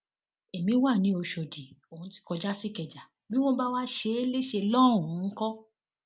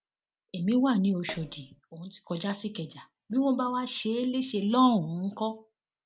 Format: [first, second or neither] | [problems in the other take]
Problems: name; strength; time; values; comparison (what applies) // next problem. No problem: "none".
first | background sound (Hi-hat); 15 dB below the speech